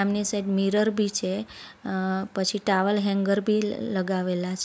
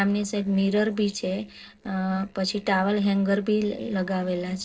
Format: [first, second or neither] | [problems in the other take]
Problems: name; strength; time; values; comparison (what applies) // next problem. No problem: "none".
first | noise reduction (neural separator model SepFormer DNS4)